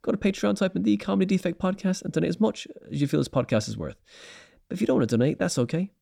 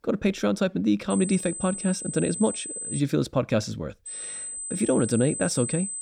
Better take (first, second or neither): first